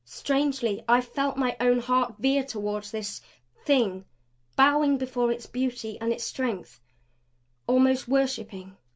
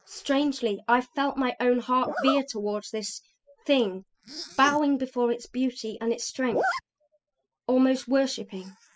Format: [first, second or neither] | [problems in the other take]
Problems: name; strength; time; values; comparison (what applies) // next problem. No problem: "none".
first | noise reduction (classical method spectral subtraction)